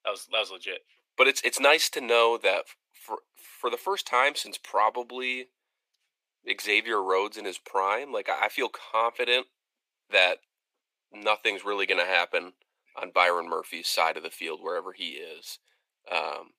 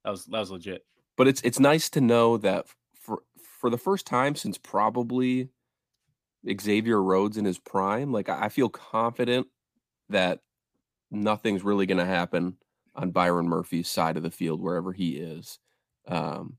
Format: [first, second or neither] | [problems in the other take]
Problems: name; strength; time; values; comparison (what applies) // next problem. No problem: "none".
second | thin; very; fading below 450 Hz